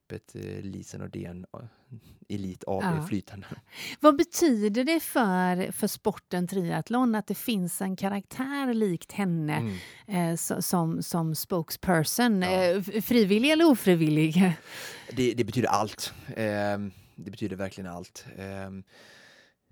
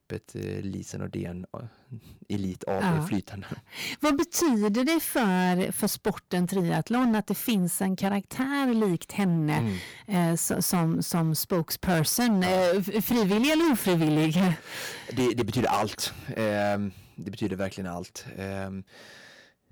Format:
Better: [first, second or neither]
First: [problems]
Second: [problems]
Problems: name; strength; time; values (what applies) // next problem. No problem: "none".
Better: first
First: none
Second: distortion; heavy; 12% of the sound clipped